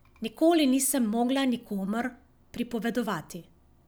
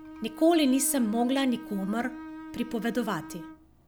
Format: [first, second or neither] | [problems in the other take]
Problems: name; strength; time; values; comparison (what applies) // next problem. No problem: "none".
first | background sound (Bowed string instrument); 14 dB below the speech